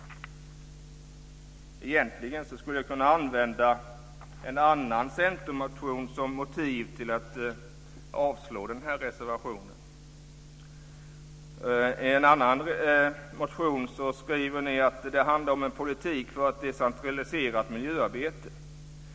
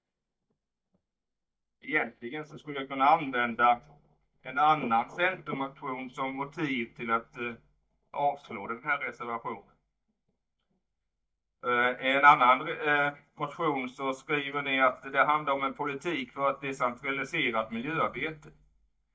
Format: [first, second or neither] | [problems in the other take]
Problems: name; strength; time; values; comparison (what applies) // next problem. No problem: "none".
first | noise reduction (neural mask model DeepFilterNet 3)